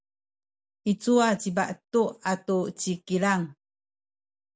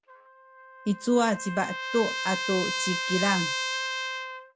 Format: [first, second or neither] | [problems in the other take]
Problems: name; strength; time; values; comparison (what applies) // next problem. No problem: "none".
first | background sound (Trumpet); 3 dB below the speech